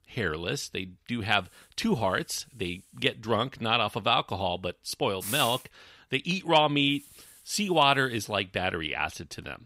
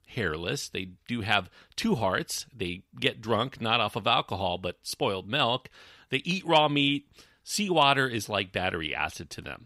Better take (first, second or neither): second